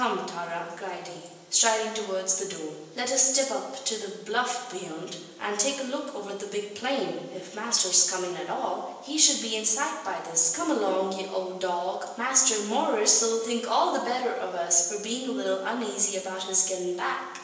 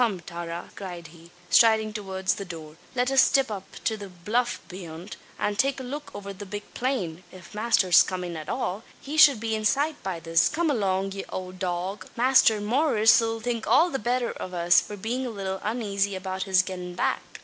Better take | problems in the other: second | room echo; dies away in 1 s

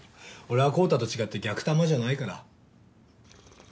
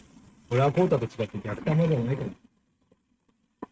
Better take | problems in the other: first | noise reduction (neural mask model RNNoise)

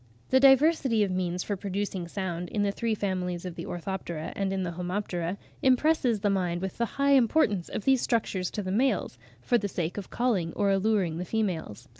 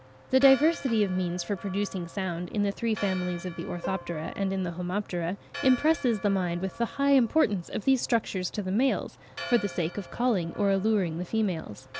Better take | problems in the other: first | background sound (Plucked string instrument + Church bell); 16 dB below the speech

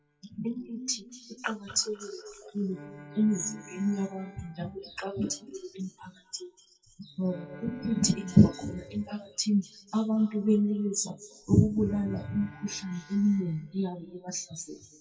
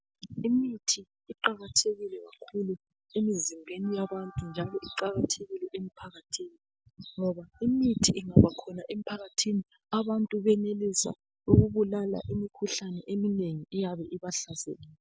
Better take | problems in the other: second | noise reduction (classical method WPE with log-MMSE)

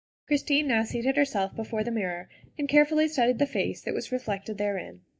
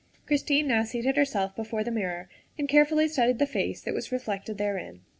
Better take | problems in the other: second | noise reduction (neural mask model DeepFilterNet 3)

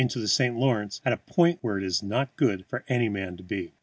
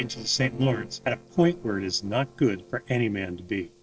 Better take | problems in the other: first | noise reduction (neural separator model SepFormer DNS4)

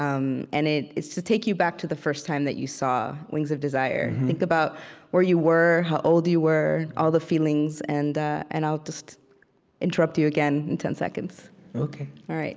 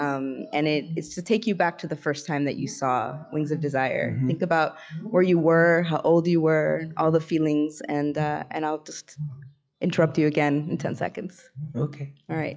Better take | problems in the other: first | noise reduction (classical method log-MMSE)

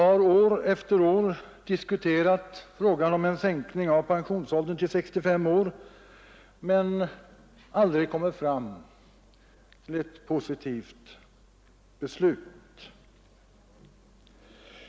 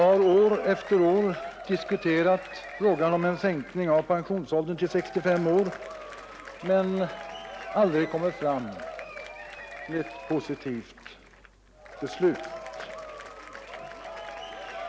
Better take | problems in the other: first | background sound (Applause / Crowd / Cheering); 13 dB below the speech

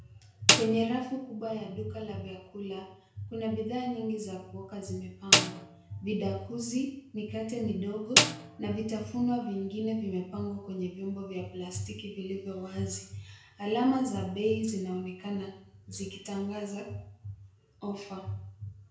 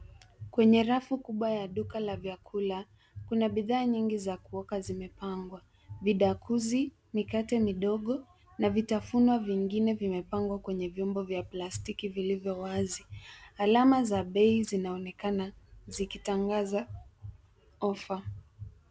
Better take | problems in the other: second | background sound (Snare drum); 4 dB above the speech // room echo; dies away in 0.5 s

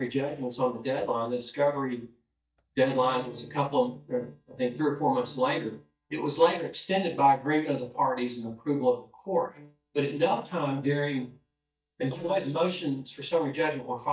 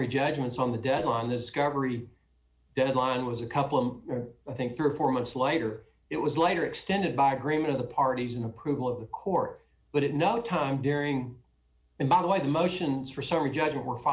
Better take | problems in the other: second | noise reduction (neural mask model DeepFilterNet 3)

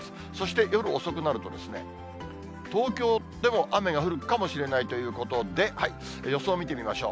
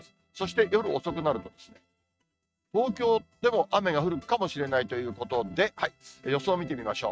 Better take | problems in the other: first | noise reduction (neural mask model RNNoise)

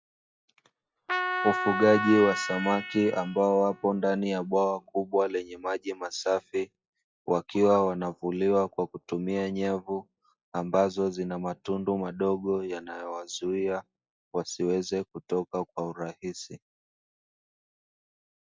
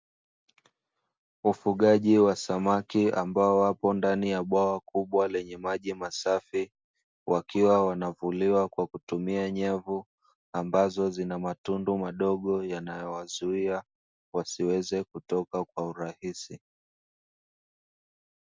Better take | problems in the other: second | noise reduction (classical method log-MMSE)

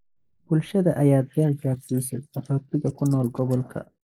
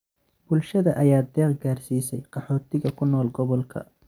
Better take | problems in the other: second | noise reduction (neural mask model Resemble Enhance denoiser)

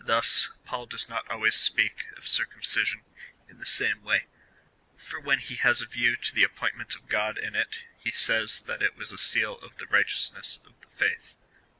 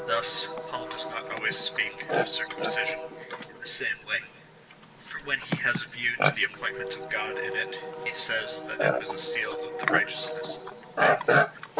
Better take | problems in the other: first | background sound (Livestock, farm animals, working animals); 2 dB above the speech // room echo; dies away in 1.8 s

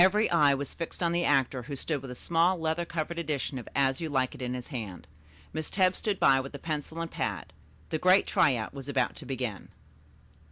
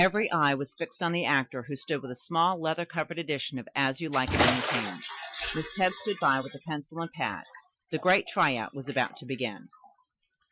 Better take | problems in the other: first | noise reduction (classical method Wiener filter)

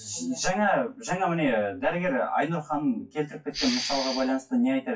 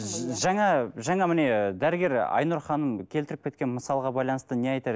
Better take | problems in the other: second | noise reduction (classical method WPE with log-MMSE)

